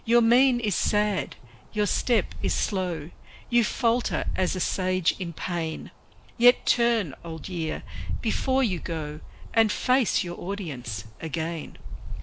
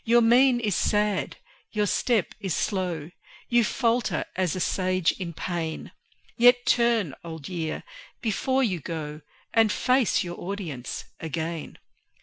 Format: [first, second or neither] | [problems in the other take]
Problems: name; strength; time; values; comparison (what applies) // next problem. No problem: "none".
second | background sound (Wind); 7 dB below the speech